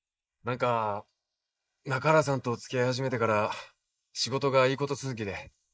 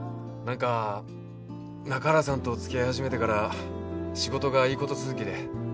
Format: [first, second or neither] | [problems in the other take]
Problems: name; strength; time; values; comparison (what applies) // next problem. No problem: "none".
second | noise reduction (neural mask model Resemble Enhance denoiser)